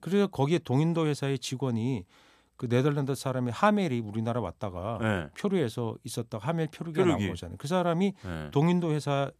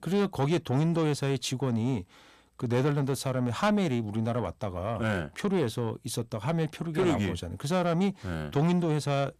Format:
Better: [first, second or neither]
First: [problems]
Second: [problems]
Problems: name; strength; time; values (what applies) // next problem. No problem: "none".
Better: first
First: none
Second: distortion; slight; 10 dB below the speech